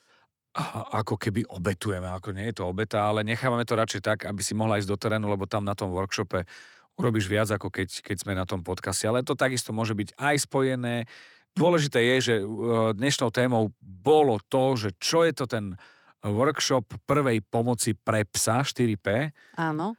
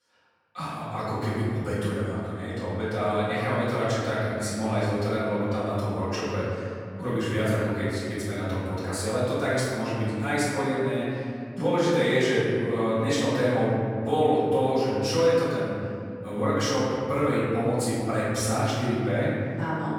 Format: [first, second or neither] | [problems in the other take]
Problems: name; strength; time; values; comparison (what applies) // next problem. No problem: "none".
first | off-mic speech; far // room echo; strong; dies away in 2.3 s